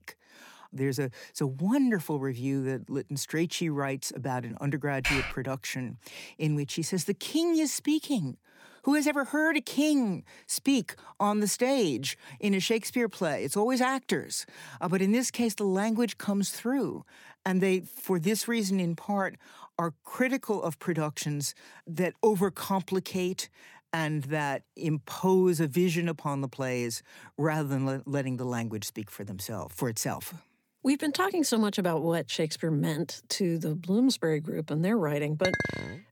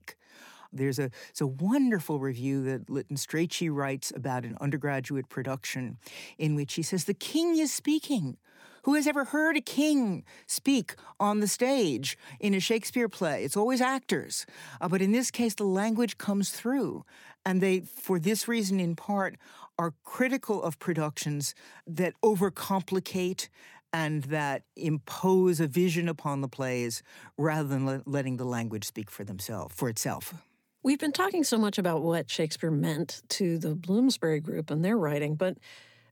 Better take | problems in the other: second | keyboard typing; loud; at 5 s; peak 1 dB above the speech // clattering dishes; noticeable; at 35 s; peak 1 dB below the speech

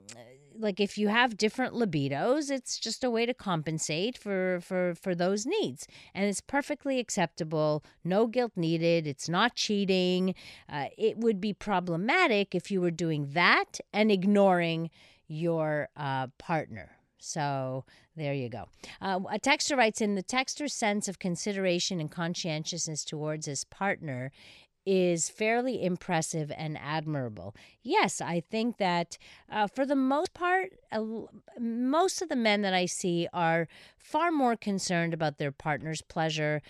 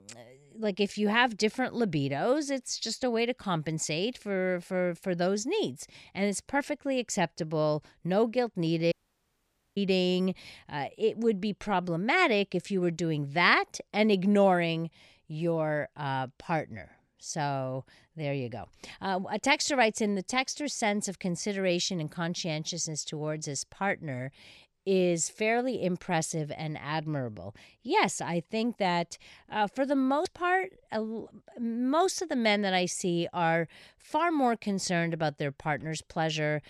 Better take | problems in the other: first | audio cutting out; at 9 s for 1 s

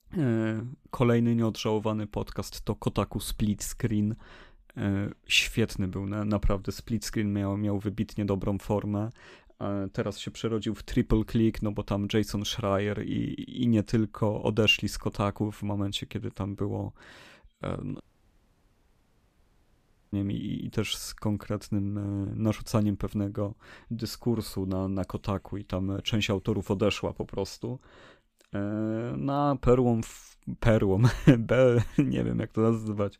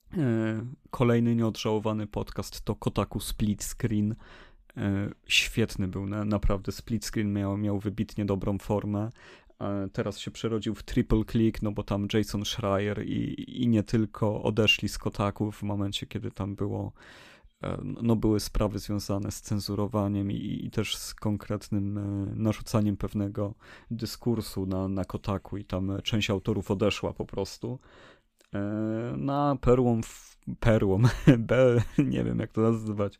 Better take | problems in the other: second | audio cutting out; at 18 s for 2 s

